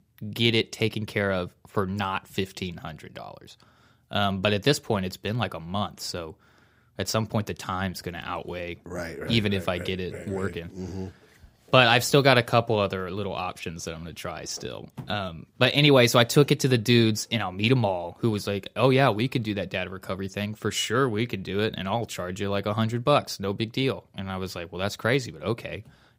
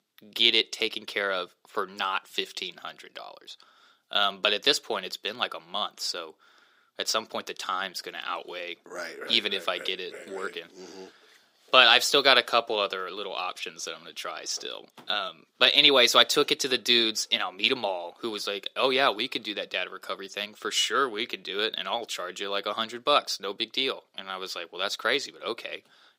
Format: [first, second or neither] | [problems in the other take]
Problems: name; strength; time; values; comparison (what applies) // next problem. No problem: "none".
first | thin; somewhat; fading below 350 Hz